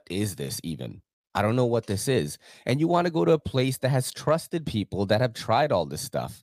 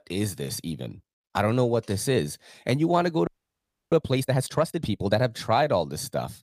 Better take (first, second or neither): first